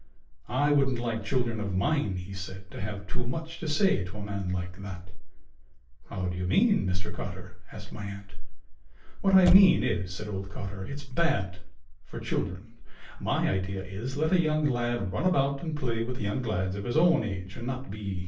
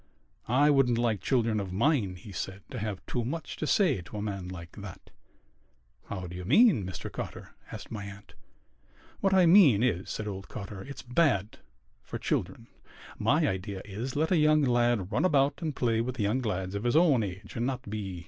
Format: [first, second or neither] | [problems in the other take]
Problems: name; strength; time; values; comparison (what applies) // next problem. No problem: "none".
second | background sound (Slam / Car); 4 dB below the speech // room echo; dies away in 0.4 s